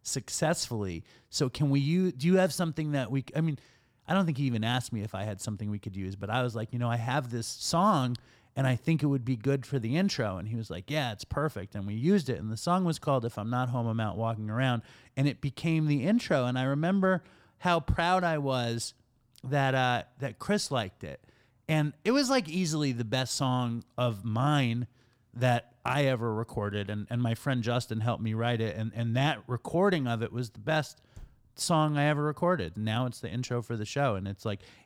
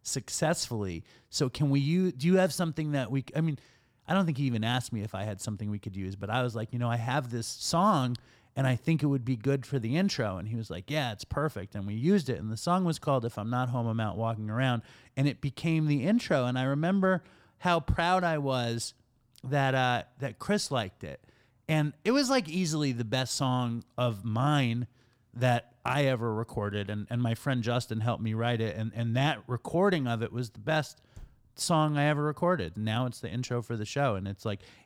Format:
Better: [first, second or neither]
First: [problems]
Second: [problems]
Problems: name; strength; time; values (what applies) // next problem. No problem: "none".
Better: neither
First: none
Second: none